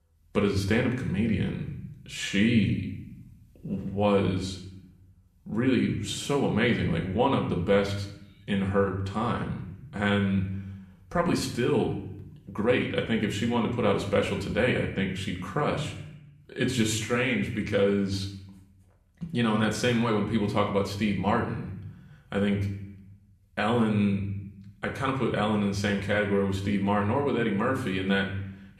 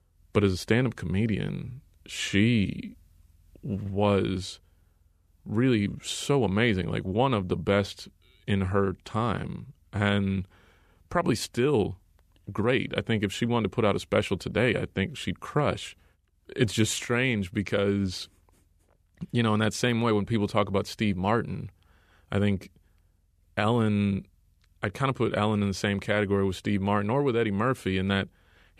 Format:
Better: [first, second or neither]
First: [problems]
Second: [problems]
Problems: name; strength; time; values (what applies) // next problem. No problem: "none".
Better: second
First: room echo; slight; dies away in 0.7 s // off-mic speech; somewhat distant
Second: none